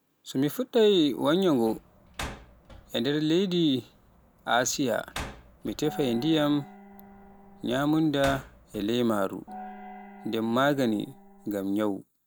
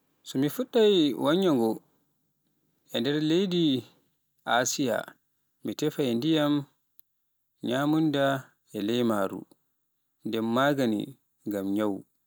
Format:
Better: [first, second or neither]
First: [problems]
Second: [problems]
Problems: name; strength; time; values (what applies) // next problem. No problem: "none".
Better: second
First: background sound (Gong + Slam); 17 dB below the speech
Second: none